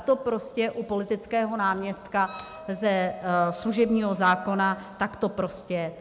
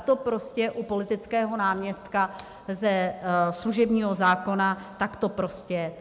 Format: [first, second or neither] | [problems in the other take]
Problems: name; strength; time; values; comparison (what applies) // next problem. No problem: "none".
second | background sound (Wind instrument, woodwind instrument); 19 dB below the speech